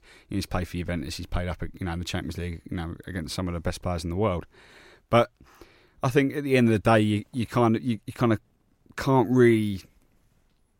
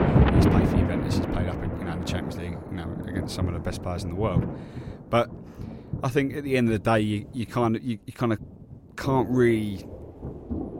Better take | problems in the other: first | rain or running water; loud; throughout; as loud as the speech

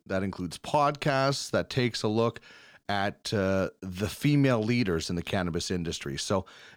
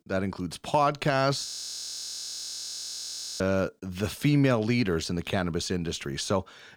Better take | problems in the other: first | audio freezing; at 1.5 s for 2 s

